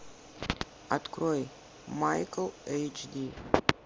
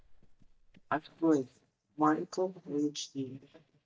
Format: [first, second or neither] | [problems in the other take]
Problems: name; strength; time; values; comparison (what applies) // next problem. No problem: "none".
first | noise reduction (neural mask model DeepFilterNet 3)